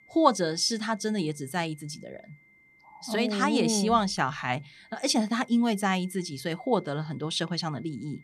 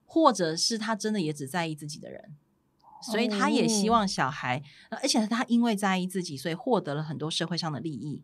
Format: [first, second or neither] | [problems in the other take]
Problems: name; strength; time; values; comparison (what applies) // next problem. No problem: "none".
second | high-pitched whine; faint; throughout; 2 kHz, 30 dB below the speech